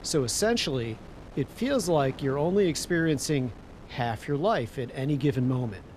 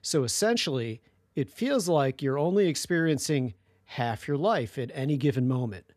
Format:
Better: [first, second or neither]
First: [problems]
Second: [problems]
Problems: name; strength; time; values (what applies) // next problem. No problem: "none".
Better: second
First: wind noise on the microphone; occasional gusts; 20 dB below the speech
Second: none